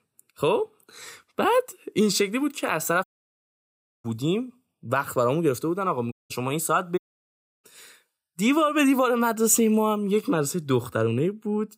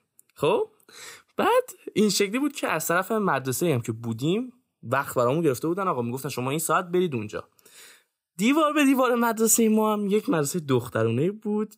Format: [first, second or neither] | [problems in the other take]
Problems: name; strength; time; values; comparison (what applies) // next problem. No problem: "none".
second | audio cutting out; at 3 s for 1 s, at 6 s and at 7 s for 0.5 s